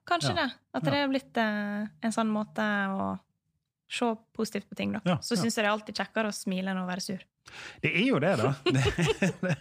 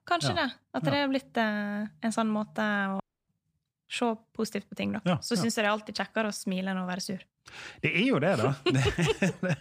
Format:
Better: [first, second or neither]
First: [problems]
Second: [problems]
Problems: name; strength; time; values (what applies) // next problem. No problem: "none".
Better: first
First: none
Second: audio cutting out; at 3 s